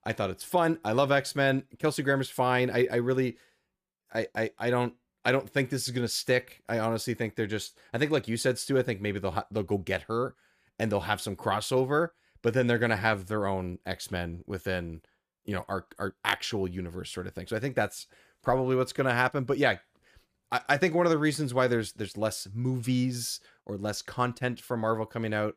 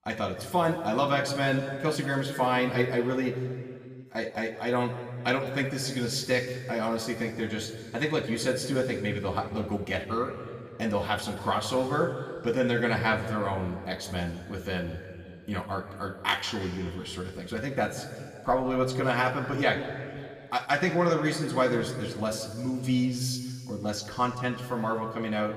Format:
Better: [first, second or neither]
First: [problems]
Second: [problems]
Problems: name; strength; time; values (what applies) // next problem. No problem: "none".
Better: first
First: none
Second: room echo; slight; dies away in 1.9 s // off-mic speech; somewhat distant